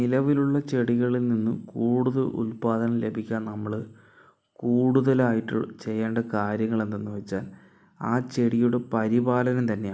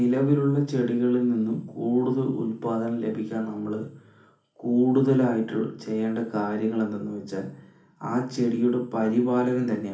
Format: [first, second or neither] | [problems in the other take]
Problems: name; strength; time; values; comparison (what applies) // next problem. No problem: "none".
first | room echo; dies away in 0.4 s